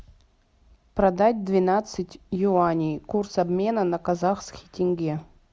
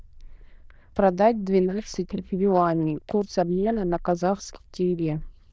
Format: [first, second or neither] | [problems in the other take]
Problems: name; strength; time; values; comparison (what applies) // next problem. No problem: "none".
first | noise reduction (neural diffusion model UNIVERSE++)